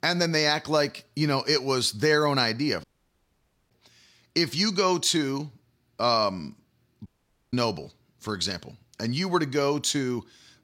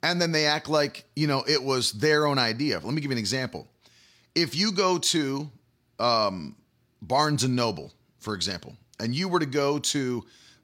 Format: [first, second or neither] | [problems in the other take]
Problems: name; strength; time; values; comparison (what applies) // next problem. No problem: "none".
second | audio cutting out; at 3 s for 1 s and at 7 s